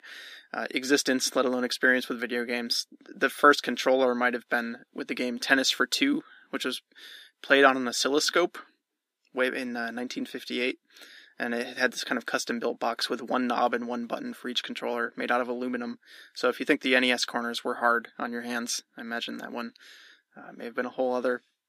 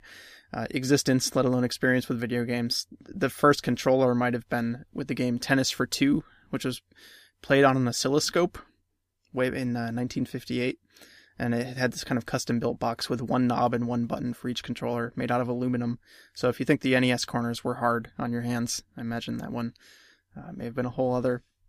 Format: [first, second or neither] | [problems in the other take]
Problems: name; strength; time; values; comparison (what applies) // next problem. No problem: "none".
second | thin; very slightly; fading below 250 Hz